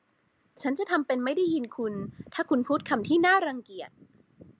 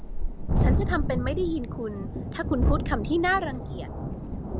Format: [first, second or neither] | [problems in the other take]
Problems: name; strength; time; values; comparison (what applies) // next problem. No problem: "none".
first | background sound (Thunderstorm); 3 dB above the speech